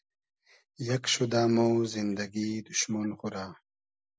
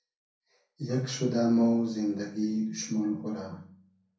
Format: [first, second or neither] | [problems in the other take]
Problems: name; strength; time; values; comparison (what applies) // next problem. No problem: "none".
first | room echo; dies away in 0.6 s